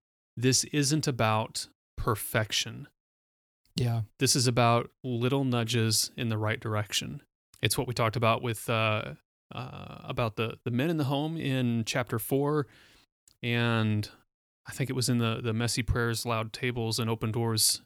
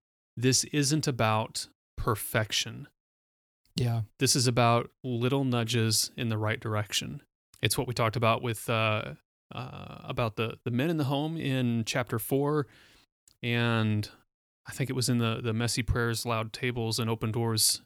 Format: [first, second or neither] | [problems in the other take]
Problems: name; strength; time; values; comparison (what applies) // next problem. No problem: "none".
neither | none